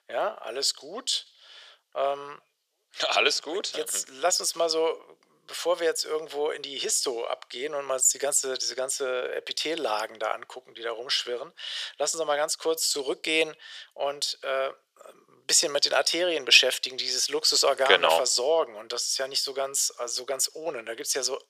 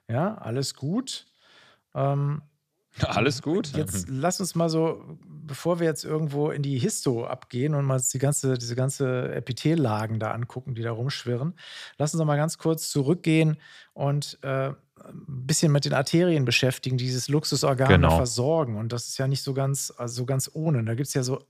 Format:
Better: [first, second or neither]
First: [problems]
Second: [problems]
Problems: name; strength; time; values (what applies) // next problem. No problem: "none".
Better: second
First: thin; very; fading below 450 Hz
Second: none